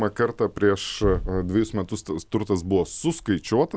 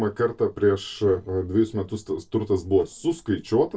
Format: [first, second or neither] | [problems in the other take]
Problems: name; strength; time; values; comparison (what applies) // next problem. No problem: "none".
first | noise reduction (neural separator model SepFormer DNS4)